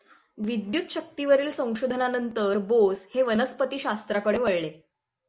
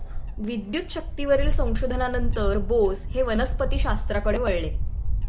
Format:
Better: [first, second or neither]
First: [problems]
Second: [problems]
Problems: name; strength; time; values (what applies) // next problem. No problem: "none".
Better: first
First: none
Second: background sound (Wind / Bird); 2 dB above the speech